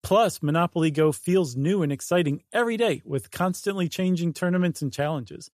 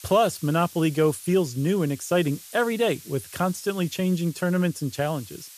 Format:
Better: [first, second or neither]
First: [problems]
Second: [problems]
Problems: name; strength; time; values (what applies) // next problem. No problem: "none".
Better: first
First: none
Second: hiss; noticeable; throughout; 20 dB below the speech